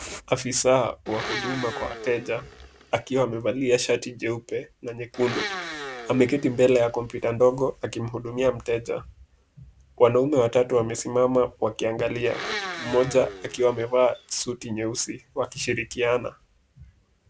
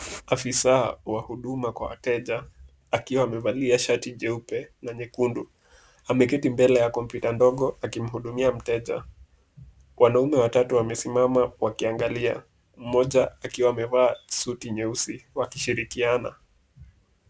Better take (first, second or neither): second